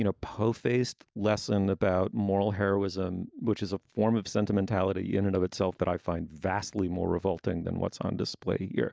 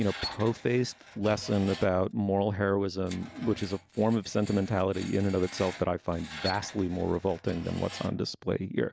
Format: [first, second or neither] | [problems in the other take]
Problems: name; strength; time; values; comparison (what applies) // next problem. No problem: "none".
first | background sound (Screech); 16 dB below the speech